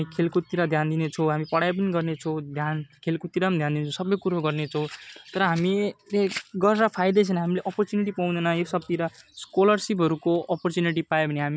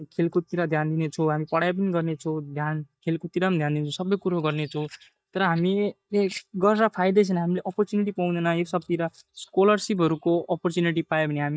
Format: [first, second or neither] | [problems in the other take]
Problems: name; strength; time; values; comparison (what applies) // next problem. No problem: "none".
first | noise reduction (neural mask model DeepFilterNet 3)